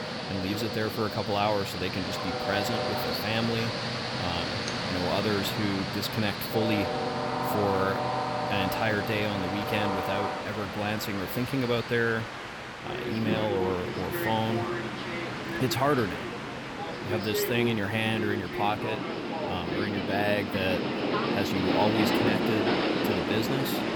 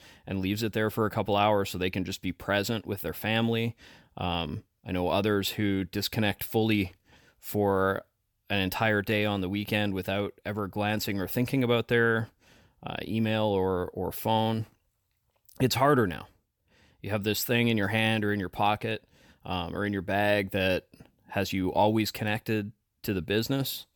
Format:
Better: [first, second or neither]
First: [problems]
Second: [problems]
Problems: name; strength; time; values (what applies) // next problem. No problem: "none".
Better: second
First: train or aircraft noise; loud; throughout; as loud as the speech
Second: none